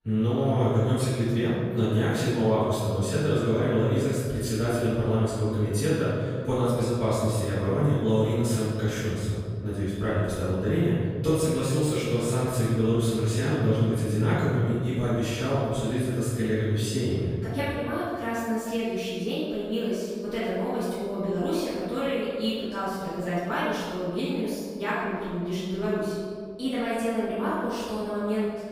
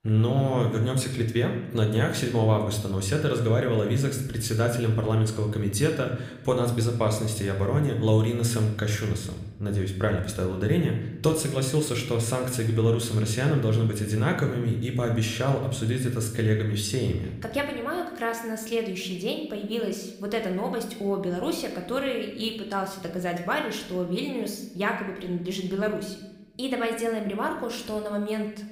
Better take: second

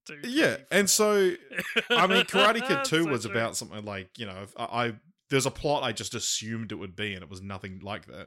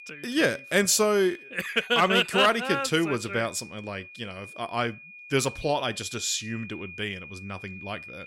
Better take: first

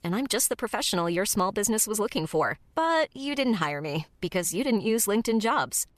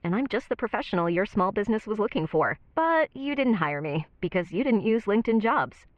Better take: first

